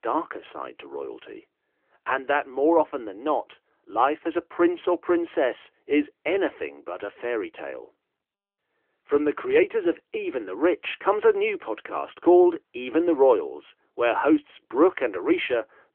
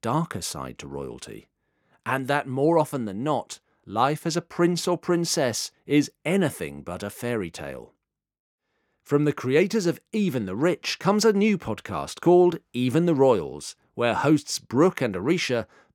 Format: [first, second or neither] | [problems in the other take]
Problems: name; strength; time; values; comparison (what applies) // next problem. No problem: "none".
second | phone-call audio; nothing above 3.5 kHz